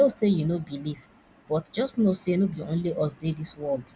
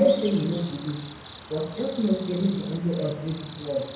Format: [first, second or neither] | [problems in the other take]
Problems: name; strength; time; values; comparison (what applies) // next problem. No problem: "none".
first | background sound (Cricket); 15 dB below the speech // room echo; dies away in 1 s